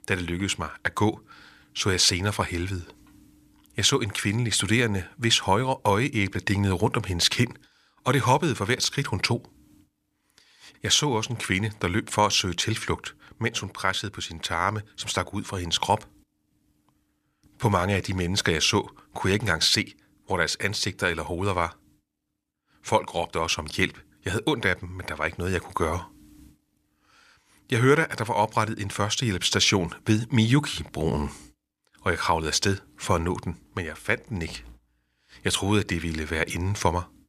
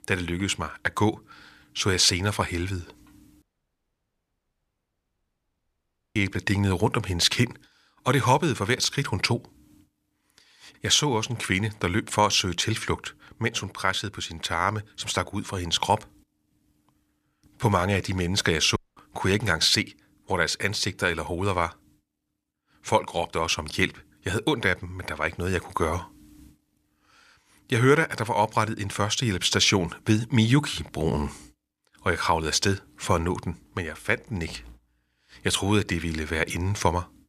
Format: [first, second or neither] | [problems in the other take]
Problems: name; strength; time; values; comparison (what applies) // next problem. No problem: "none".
first | audio cutting out; at 3.5 s for 2.5 s and at 19 s